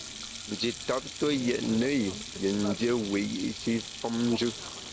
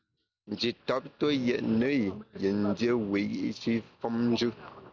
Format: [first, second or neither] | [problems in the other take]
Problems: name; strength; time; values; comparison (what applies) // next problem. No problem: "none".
second | background sound (Sink (filling or washing)); 11 dB below the speech